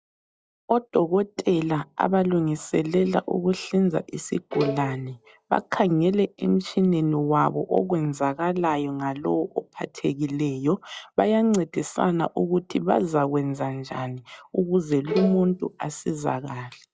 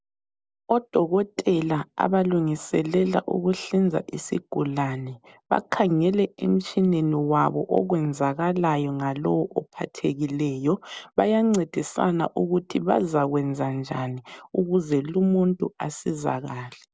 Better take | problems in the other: second | noise reduction (classical method log-MMSE)

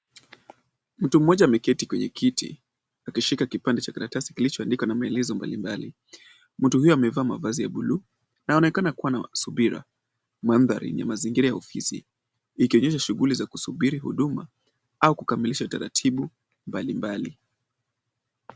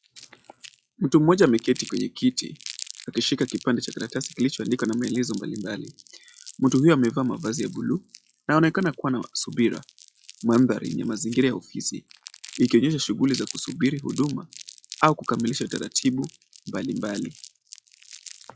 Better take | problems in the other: first | noise reduction (classical method log-MMSE)

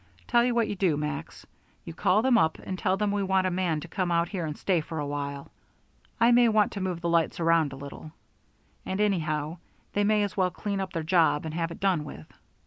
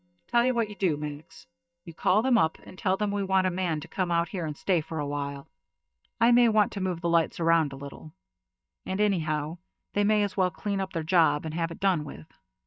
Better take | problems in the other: first | noise reduction (neural mask model DeepFilterNet 3)

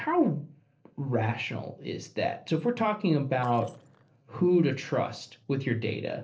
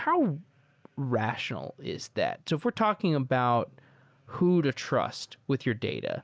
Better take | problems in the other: second | noise reduction (neural separator model SepFormer DNS4)

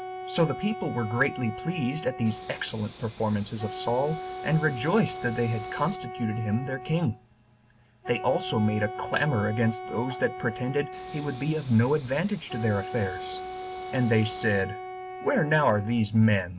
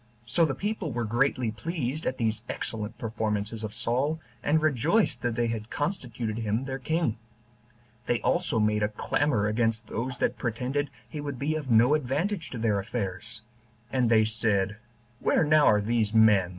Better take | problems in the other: second | background sound (Wind instrument, woodwind instrument + Train); 11 dB below the speech

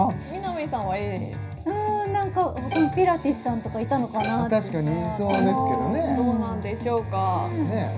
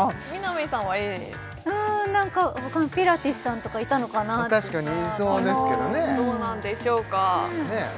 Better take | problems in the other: second | background sound (Bowed string instrument); 10 dB below the speech // room echo; dies away in 0.4 s

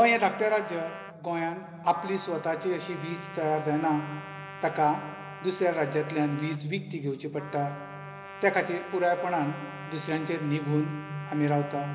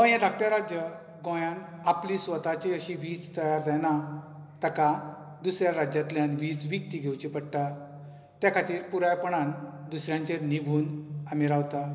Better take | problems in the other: second | background sound (Trumpet); 14 dB below the speech

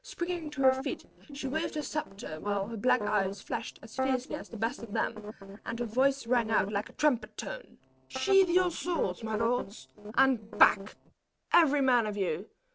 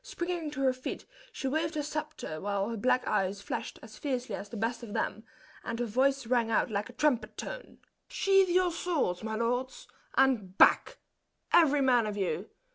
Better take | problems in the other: second | noise reduction (neural separator model SepFormer DNS4)

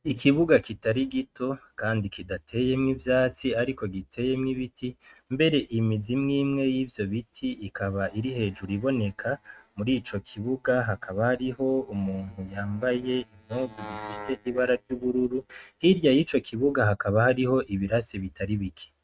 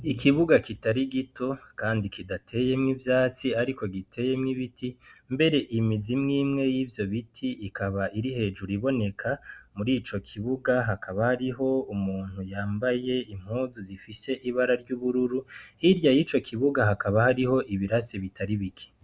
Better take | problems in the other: second | noise reduction (neural mask model RNNoise)

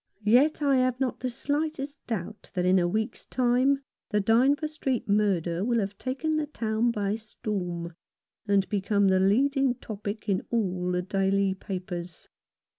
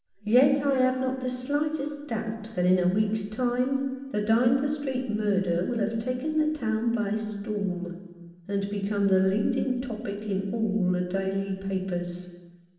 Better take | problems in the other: first | room echo; dies away in 1.3 s

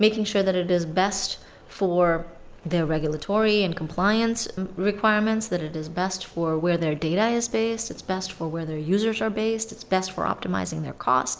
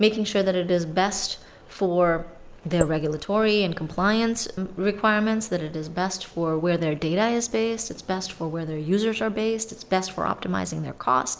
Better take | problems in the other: first | noise reduction (neural mask model Resemble Enhance denoiser)

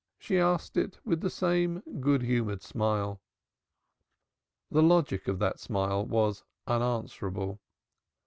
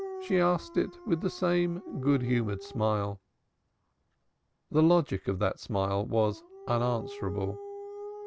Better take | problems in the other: first | background sound (Dog); 15 dB below the speech

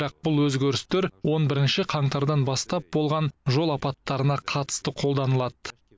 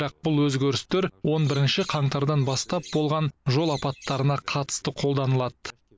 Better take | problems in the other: first | noise reduction (neural mask model Resemble Enhance denoiser)

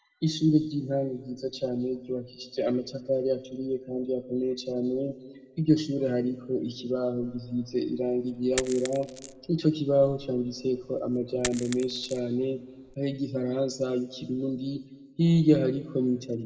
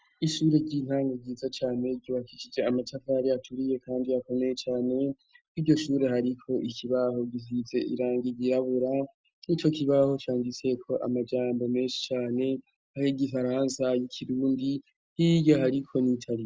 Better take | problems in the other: second | background sound (Coin (dropping)); 15 dB below the speech // room echo; dies away in 1.2 s

